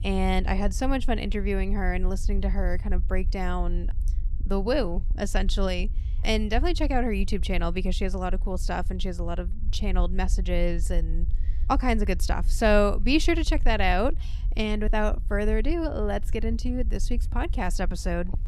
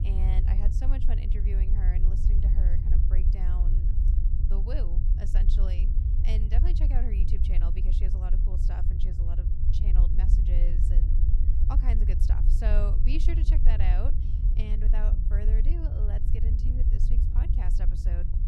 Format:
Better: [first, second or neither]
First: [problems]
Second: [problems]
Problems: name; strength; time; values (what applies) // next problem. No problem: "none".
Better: first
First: low rumble; faint; throughout; 25 dB below the speech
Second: low rumble; loud; throughout; 2 dB below the speech